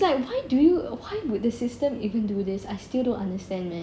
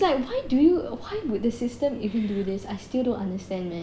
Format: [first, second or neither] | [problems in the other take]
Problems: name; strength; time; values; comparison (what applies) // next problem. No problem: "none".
first | background sound (Meow / Purr); 19 dB below the speech